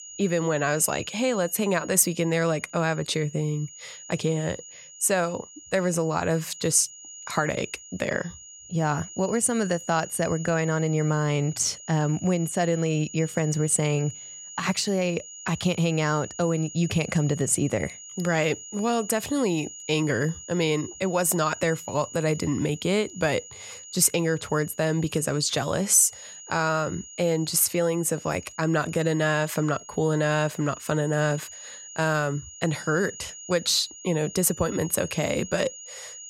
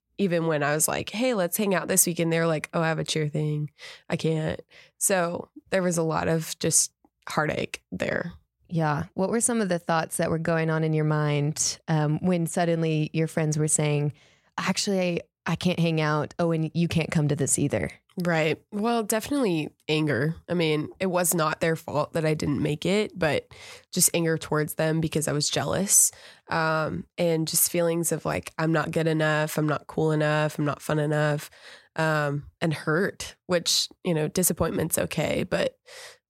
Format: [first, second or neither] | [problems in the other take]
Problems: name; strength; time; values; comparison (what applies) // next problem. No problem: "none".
second | high-pitched whine; noticeable; throughout; 7 kHz, 15 dB below the speech